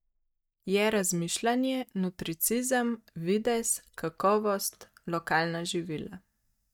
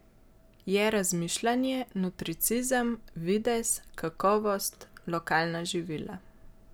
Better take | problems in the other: second | noise reduction (neural mask model DeepFilterNet 3)

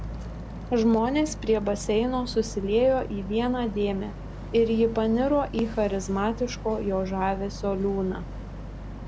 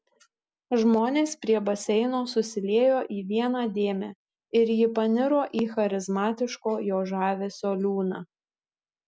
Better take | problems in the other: second | background sound (Boat, Water vehicle); 10 dB below the speech

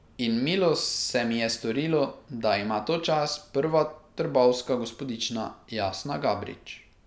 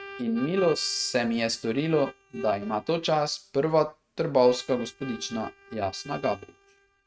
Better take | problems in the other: first | noise reduction (neural mask model RNNoise)

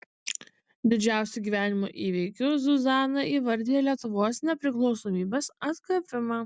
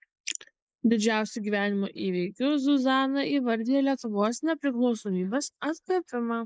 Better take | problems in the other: first | noise reduction (neural mask model Resemble Enhance denoiser)

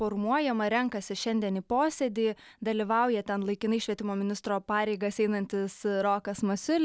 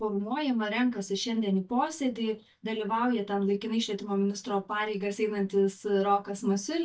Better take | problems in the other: first | noise reduction (neural mask model DeepFilterNet 3)

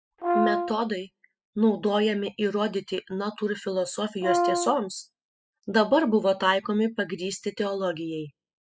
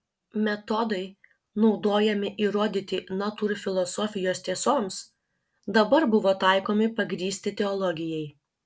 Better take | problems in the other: second | noise reduction (classical method spectral subtraction)

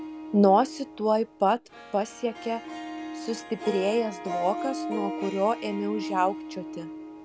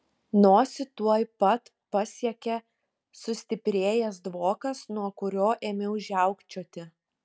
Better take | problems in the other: second | background sound (Harp); 9 dB below the speech

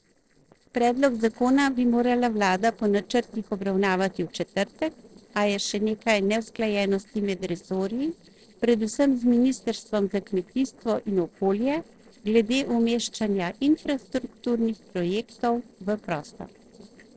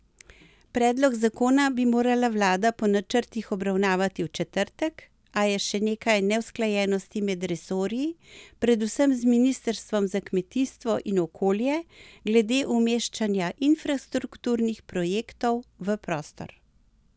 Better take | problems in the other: second | noise reduction (neural separator model SepFormer DNS4)

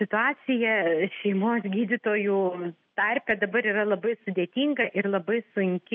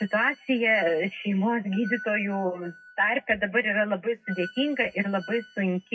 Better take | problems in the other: first | noise reduction (classical method WPE with log-MMSE)

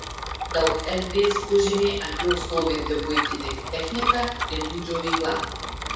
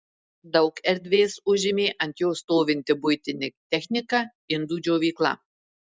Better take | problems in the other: second | background sound (Bicycle); 3 dB below the speech // room echo; dies away in 0.6 s

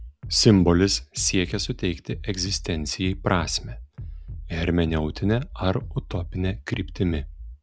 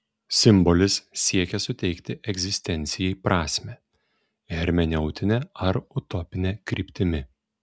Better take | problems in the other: second | background sound (Bass drum); 12 dB below the speech

